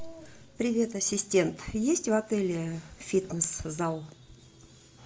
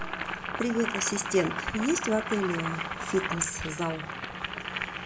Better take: first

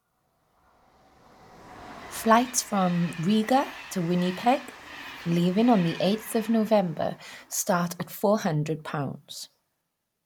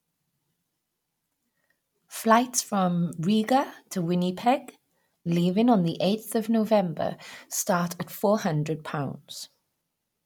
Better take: second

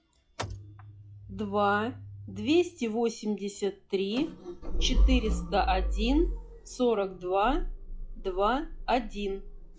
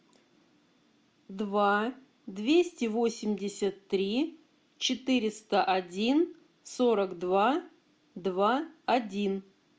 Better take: second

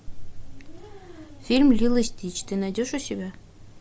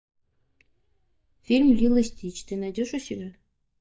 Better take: first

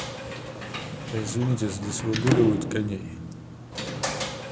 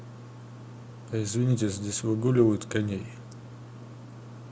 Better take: second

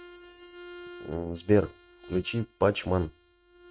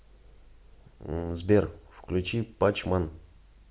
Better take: second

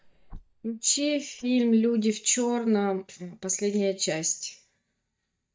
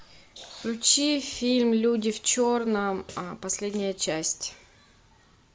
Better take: second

